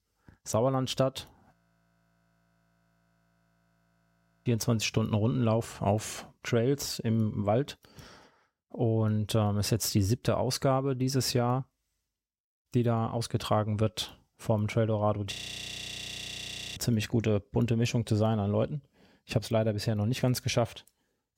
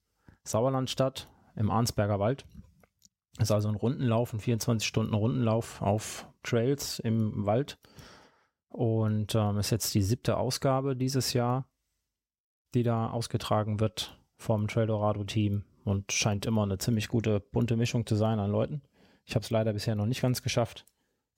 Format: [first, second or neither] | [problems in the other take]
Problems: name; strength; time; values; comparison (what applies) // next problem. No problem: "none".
second | audio freezing; at 1.5 s for 3 s and at 15 s for 1.5 s